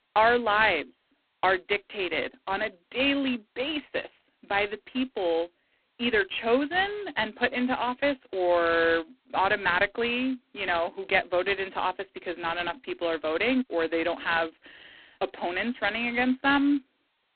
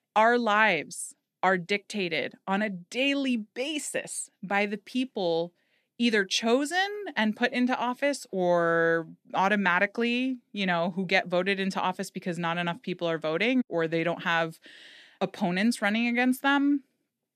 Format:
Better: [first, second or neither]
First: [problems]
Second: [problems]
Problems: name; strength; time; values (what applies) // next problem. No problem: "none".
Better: second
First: phone-call audio; poor line; nothing above 4 kHz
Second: none